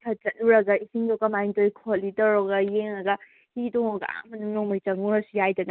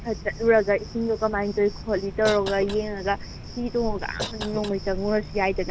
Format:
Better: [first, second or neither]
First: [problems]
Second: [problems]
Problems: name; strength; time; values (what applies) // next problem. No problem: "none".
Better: first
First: none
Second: background sound (Cough + Cricket); 9 dB below the speech